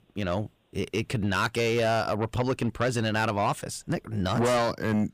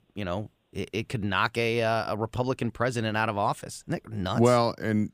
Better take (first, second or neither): second